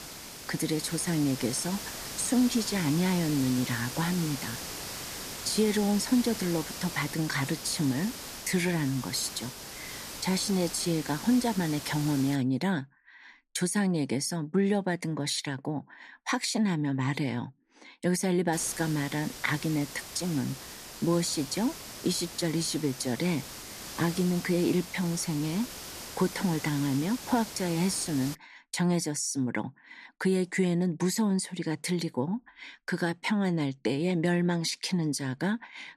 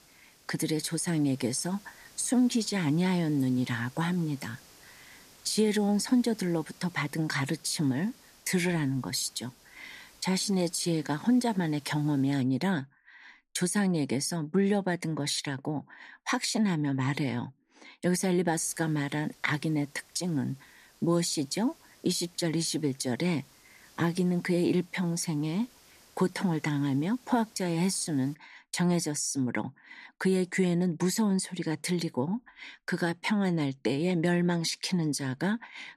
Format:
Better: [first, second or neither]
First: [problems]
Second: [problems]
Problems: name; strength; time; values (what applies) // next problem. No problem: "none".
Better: second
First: hiss; loud; until 12 s and from 19 to 28 s; 9 dB below the speech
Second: hiss; faint; until 12 s and from 19 to 28 s; 25 dB below the speech